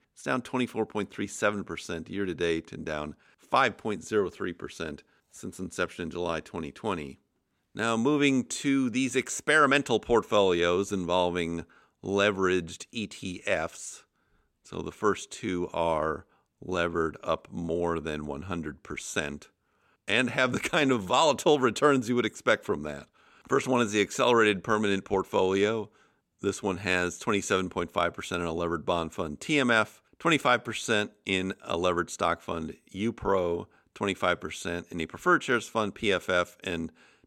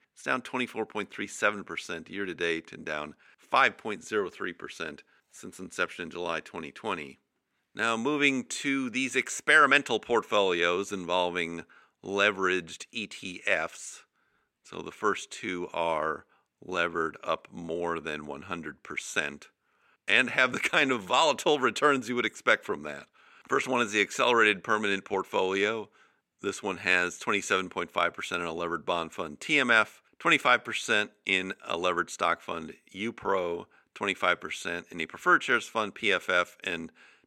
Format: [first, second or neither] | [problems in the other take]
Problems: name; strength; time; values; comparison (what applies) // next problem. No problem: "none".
first | thin; very slightly; fading below 500 Hz